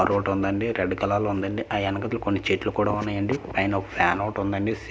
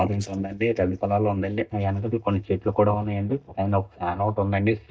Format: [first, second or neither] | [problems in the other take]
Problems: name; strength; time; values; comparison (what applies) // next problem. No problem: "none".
first | noise reduction (neural mask model DeepFilterNet 3)